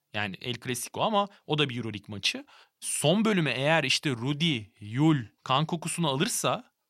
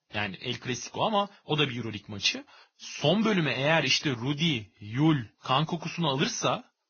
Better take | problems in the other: first | garbled, watery; badly; nothing above 6.5 kHz

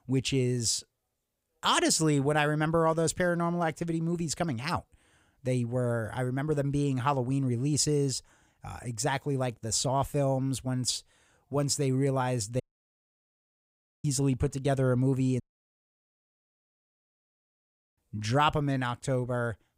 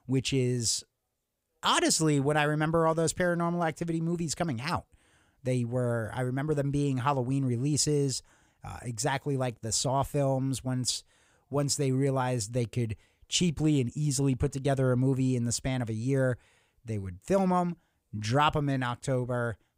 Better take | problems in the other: second | audio cutting out; at 13 s for 1.5 s and at 15 s for 2.5 s

